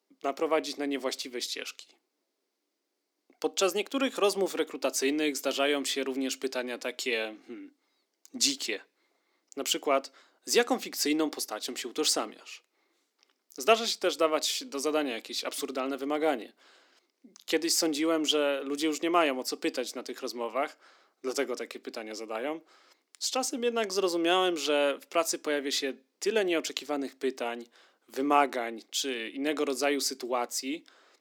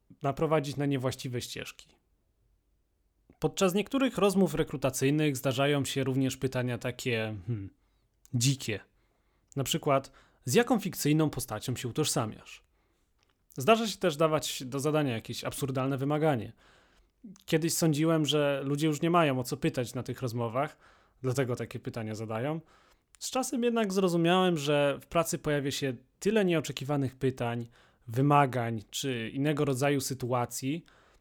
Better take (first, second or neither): second